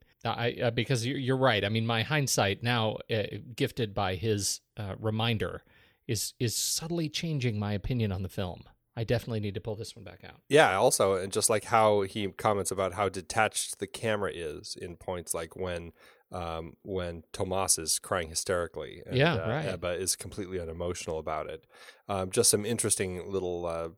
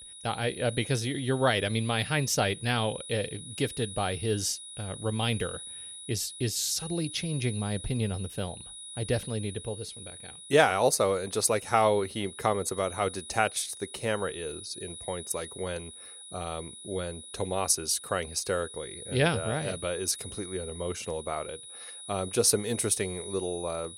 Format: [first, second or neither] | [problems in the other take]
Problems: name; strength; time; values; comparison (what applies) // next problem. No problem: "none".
first | high-pitched whine; noticeable; throughout; 10 kHz, 10 dB below the speech